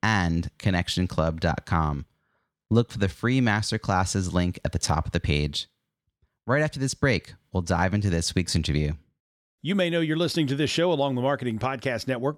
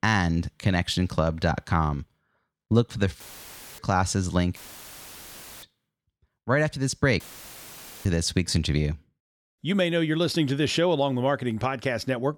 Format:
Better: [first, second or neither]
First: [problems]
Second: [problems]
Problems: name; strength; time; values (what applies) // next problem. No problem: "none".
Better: first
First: none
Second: audio cutting out; filled with static; at 3 s for 0.5 s, at 4.5 s for 1 s and at 7 s for 1 s